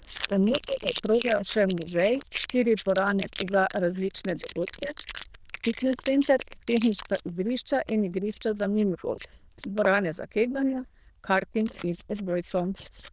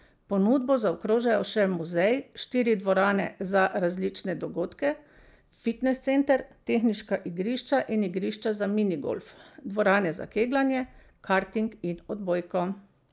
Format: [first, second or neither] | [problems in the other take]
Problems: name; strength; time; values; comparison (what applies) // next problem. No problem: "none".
second | noise reduction (neural diffusion model UNIVERSE++)